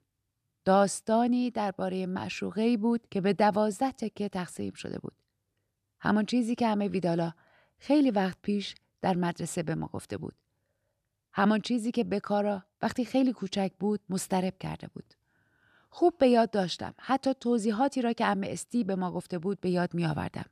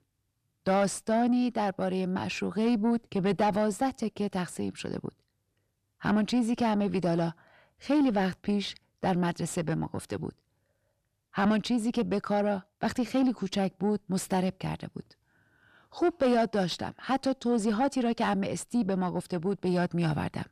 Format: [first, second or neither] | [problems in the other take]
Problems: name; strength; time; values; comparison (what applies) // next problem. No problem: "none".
first | distortion; slight; 10 dB below the speech